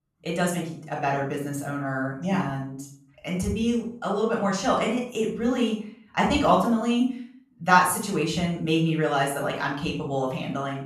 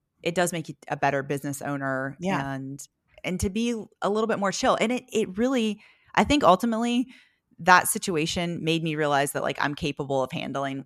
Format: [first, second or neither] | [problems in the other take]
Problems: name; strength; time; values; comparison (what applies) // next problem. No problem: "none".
second | room echo; noticeable; dies away in 0.4 s // off-mic speech; far